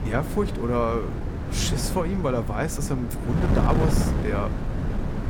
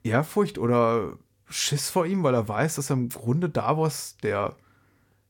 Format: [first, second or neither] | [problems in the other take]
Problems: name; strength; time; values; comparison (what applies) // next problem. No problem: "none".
second | wind noise on the microphone; heavy; 5 dB below the speech